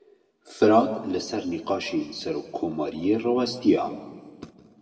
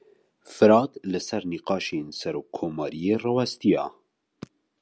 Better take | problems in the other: second | room echo; dies away in 1.4 s

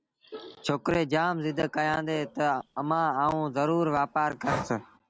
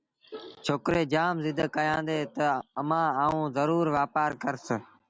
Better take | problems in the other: second | background sound (Breathing); 13 dB below the speech

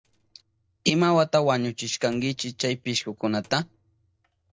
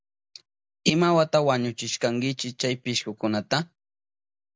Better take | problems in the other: second | noise reduction (neural separator model SepFormer DNS4)

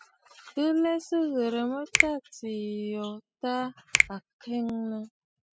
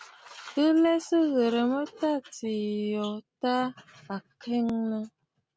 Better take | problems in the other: second | noise reduction (classical method spectral subtraction)

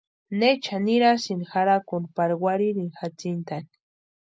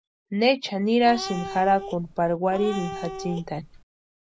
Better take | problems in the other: first | background sound (Cat); 11 dB below the speech

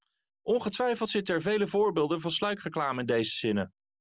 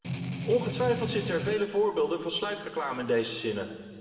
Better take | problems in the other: first | background sound (Strum); 4 dB below the speech // room echo; dies away in 1.5 s

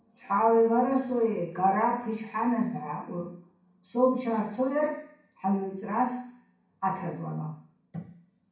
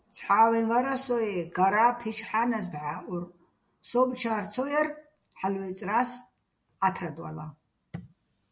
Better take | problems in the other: second | room echo; dies away in 0.6 s

